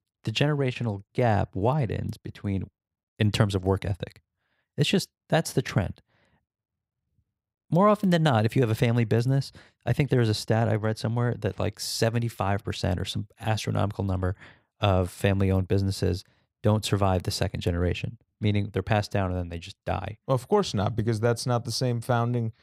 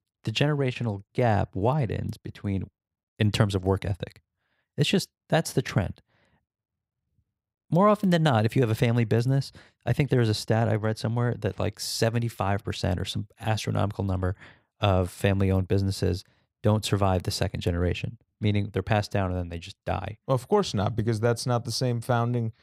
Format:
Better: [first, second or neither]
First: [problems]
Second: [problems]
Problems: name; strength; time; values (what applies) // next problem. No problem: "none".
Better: neither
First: none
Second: none